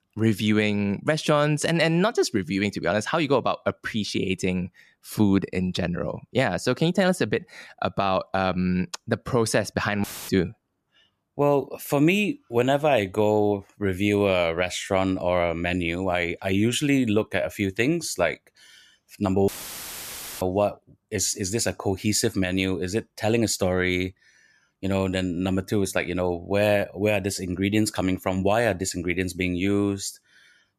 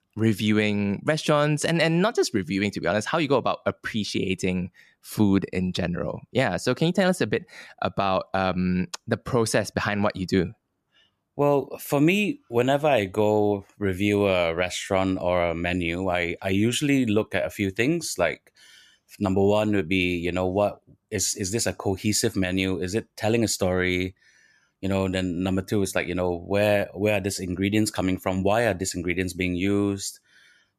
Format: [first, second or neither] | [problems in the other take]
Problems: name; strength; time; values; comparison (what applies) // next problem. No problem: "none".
second | audio cutting out; filled with static; at 10 s and at 19 s for 1 s